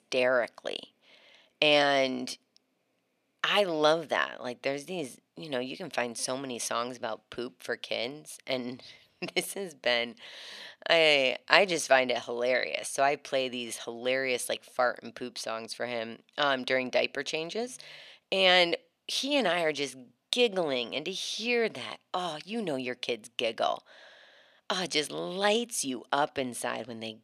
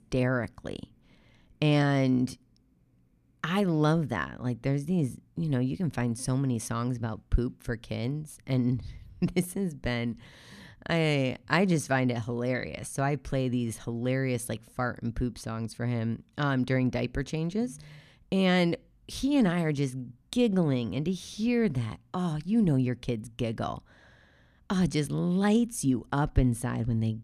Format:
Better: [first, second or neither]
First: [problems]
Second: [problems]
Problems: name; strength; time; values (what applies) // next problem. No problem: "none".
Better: second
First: thin; very; fading below 500 Hz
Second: none